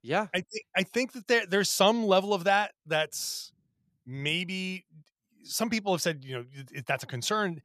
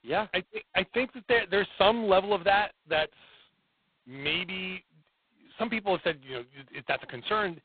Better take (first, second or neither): first